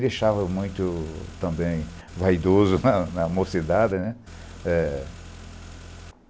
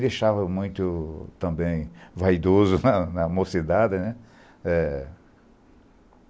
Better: second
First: background sound (Car); 16 dB below the speech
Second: none

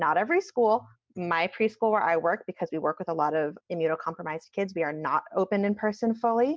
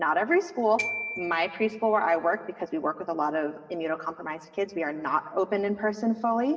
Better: first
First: none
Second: background sound (Glockenspiel); 12 dB below the speech // room echo; dies away in 2.4 s

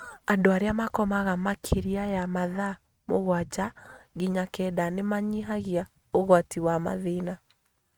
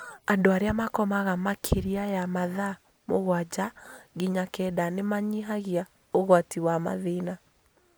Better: second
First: noise reduction (neural mask model RNNoise)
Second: none

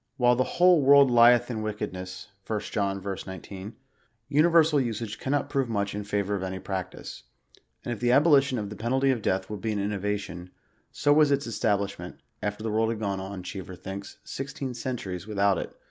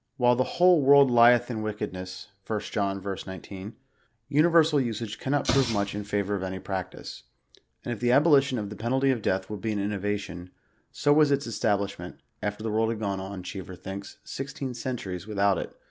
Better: first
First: none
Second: background sound (Explosion); 9 dB below the speech

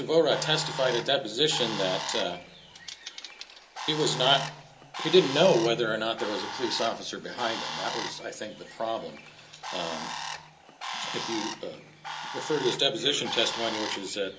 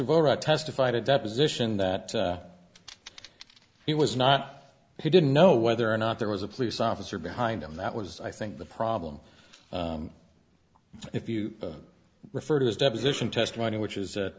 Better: second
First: background sound (Bird); 9 dB below the speech // room echo; dies away in 0.2 s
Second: none

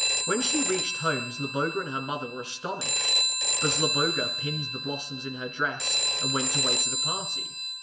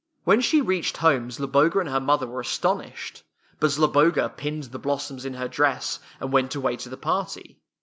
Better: second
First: background sound (Telephone); 4 dB above the speech // room echo; dies away in 0.7 s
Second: none

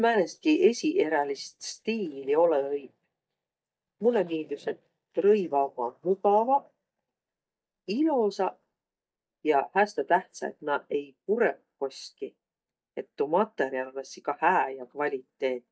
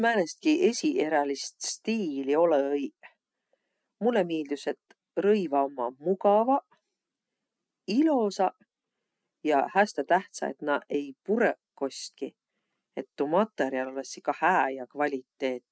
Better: second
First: noise reduction (neural mask model DeepFilterNet 3)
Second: none

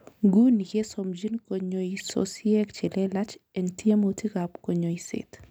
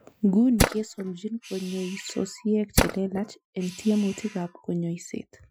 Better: first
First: none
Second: noise reduction (classical method Wiener filter)

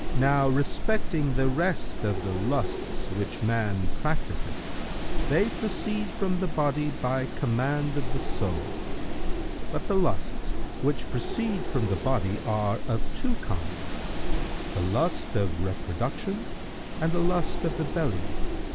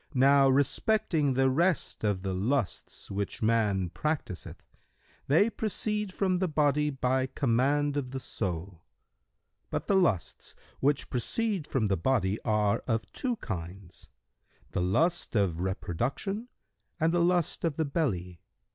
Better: second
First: background sound (Wind); 3 dB above the speech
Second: none

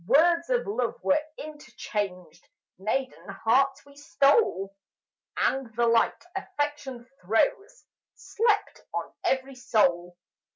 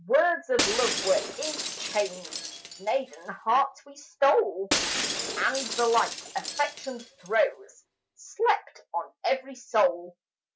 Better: first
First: none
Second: background sound (Shatter); 6 dB below the speech

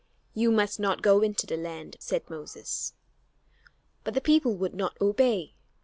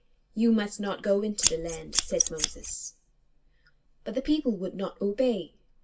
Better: first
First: none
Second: background sound (Scissors); 1 dB above the speech // room echo; dies away in 0.2 s

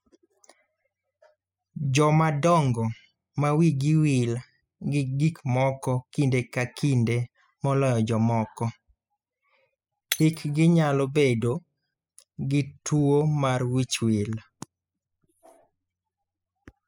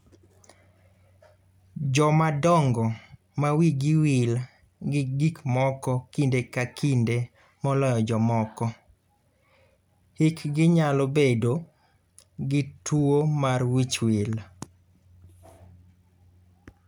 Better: second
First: noise reduction (classical method spectral subtraction)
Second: none

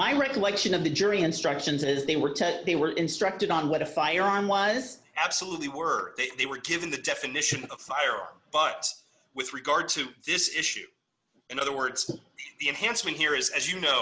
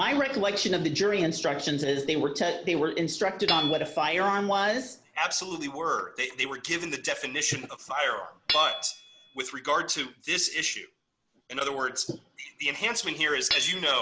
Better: first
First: none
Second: background sound (Hammer / Chink, clink); 11 dB below the speech

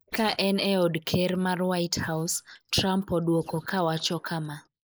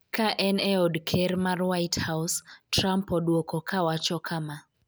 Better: second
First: noise reduction (neural mask model Resemble Enhance denoiser)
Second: none

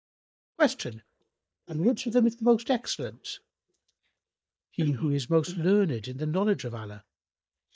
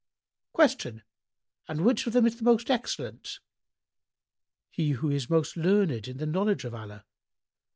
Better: second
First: noise reduction (neural mask model DeepFilterNet 3)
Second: none

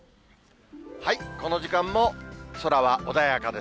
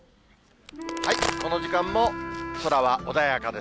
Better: first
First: none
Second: background sound (Crack + Wind instrument, woodwind instrument); 7 dB below the speech

